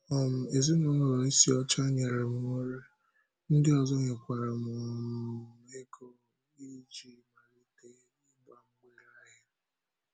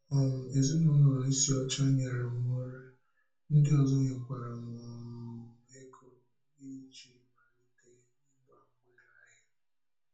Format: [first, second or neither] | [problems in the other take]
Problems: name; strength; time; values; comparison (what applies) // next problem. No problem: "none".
first | room echo; dies away in 0.3 s